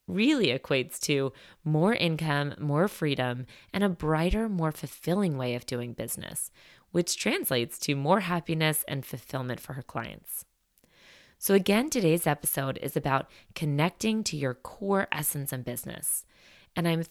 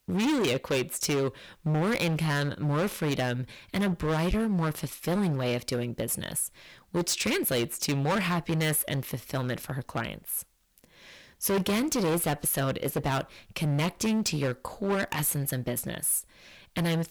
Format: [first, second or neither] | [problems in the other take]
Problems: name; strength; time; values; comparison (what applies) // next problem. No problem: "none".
first | distortion; heavy; 15% of the sound clipped